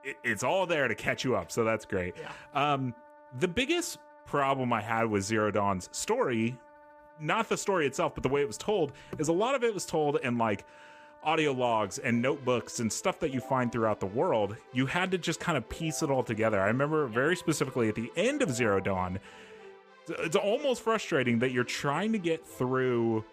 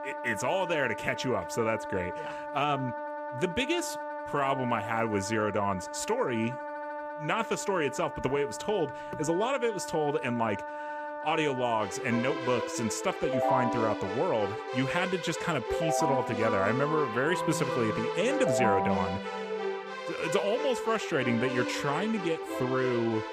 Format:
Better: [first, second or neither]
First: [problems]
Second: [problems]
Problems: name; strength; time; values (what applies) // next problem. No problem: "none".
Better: first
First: background music; faint; throughout; 20 dB below the speech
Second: background music; loud; throughout; 4 dB below the speech